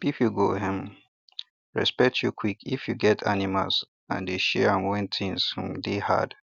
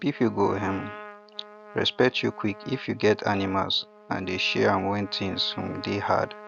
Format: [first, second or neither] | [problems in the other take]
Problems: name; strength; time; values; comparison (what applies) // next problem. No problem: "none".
first | background sound (Trumpet); 17 dB below the speech